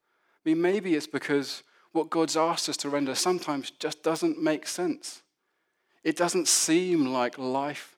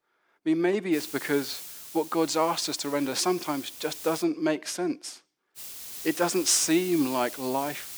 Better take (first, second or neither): first